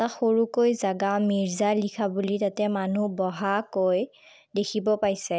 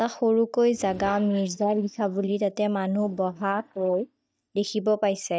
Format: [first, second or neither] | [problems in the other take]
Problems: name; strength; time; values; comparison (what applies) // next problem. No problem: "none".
first | noise reduction (neural mask model DeepFilterNet 3)